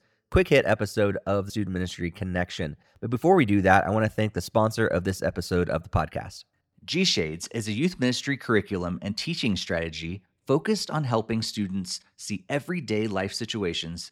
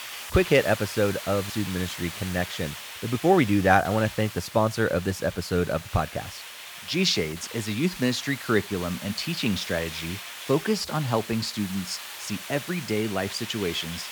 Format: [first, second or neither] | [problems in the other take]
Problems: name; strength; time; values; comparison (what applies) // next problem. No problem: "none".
first | hiss; noticeable; throughout; 10 dB below the speech